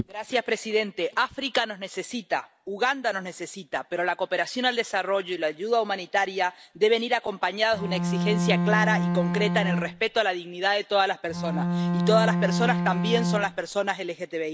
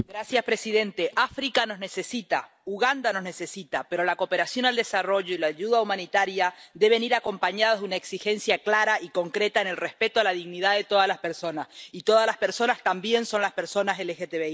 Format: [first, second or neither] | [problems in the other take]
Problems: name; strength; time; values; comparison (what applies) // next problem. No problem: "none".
second | background sound (Bowed string instrument); 1 dB above the speech